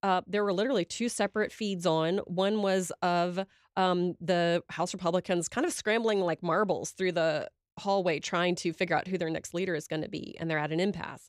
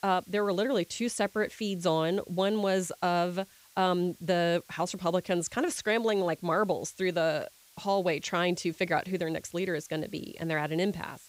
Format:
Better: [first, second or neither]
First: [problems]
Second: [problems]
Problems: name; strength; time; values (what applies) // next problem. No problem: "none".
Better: first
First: none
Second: hiss; faint; throughout; 25 dB below the speech